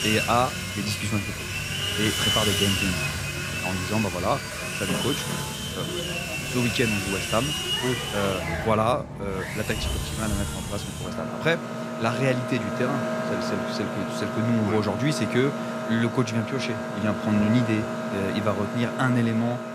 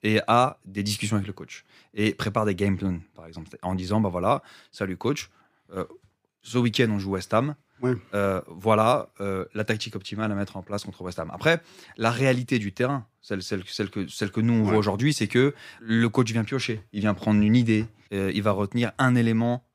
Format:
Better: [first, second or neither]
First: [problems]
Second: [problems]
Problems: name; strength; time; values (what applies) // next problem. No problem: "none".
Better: second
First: machinery noise; loud; throughout; 1 dB below the speech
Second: none